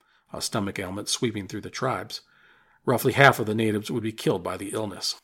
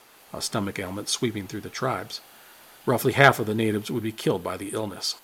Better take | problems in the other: first | hiss; faint; throughout; 25 dB below the speech

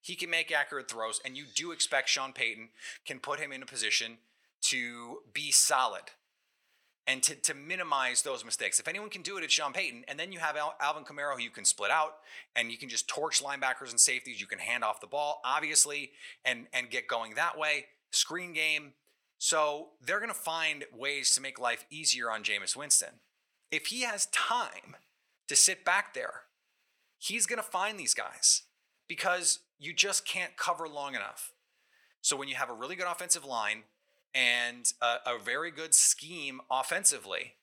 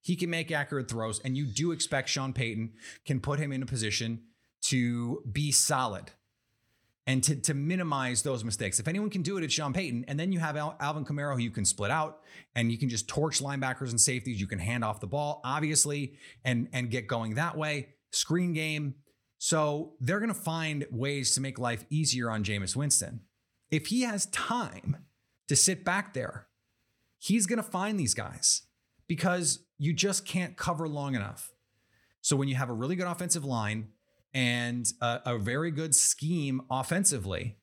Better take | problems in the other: second | thin; very; fading below 700 Hz

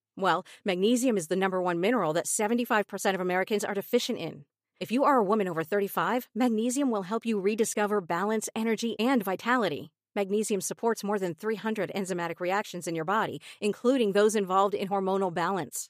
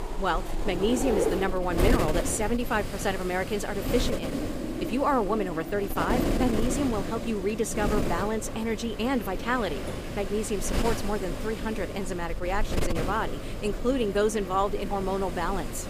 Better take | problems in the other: first | wind noise on the microphone; heavy; 5 dB below the speech

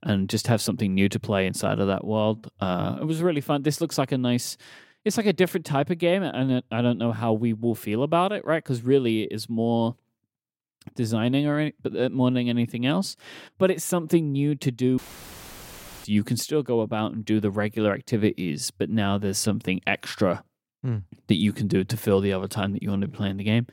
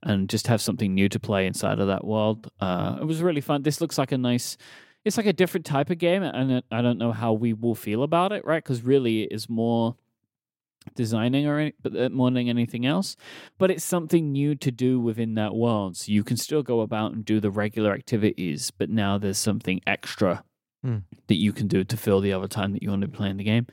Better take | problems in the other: second | audio cutting out; filled with static; at 15 s for 1 s

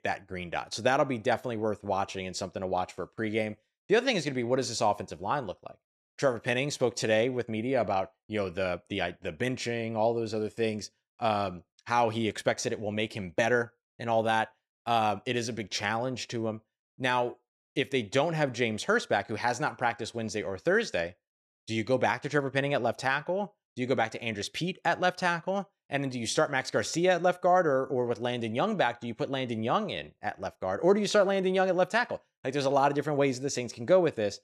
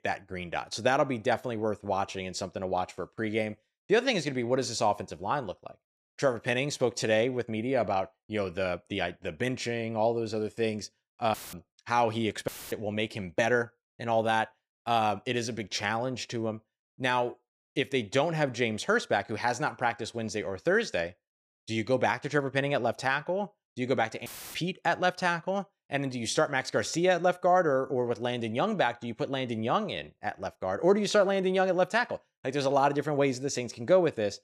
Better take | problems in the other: first | audio cutting out; filled with static; at 11 s, at 12 s and at 24 s

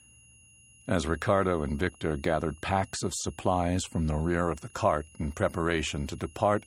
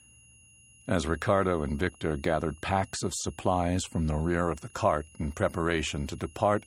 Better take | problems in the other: neither | high-pitched whine; faint; throughout; 3 kHz, 25 dB below the speech; the same in both

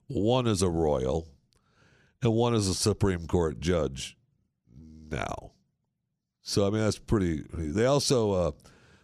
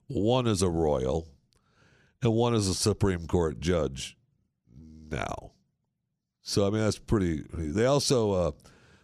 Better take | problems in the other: neither | none

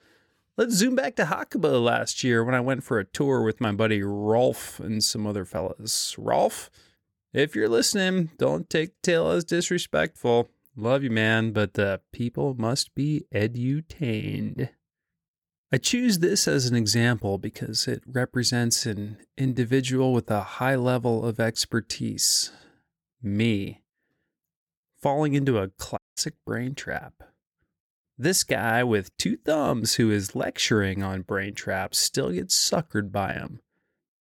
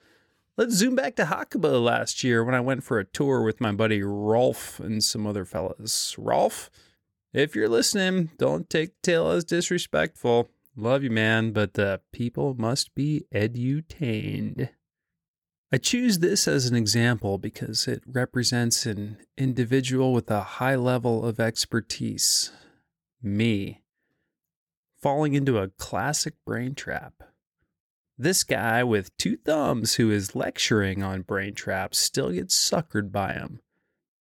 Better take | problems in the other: second | audio cutting out; at 26 s

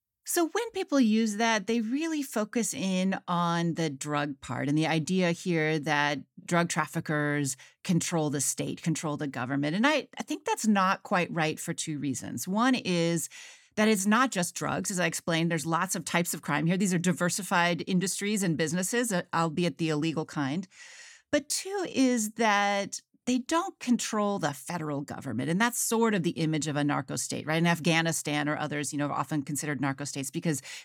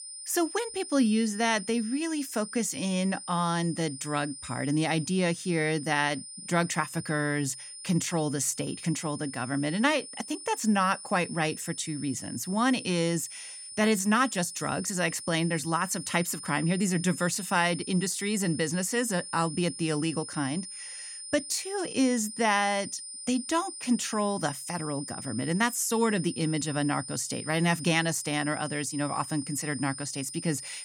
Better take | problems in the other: first | high-pitched whine; noticeable; throughout; 9.5 kHz, 10 dB below the speech

